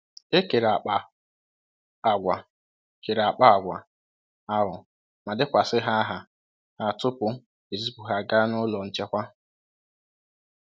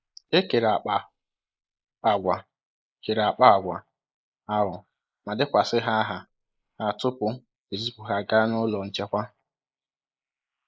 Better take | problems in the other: first | noise reduction (neural mask model Resemble Enhance denoiser)

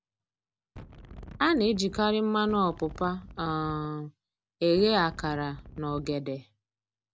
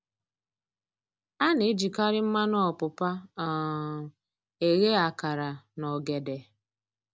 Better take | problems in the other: second | background sound (Wind); 16 dB below the speech

